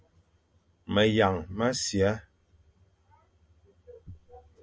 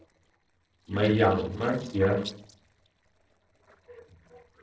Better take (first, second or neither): first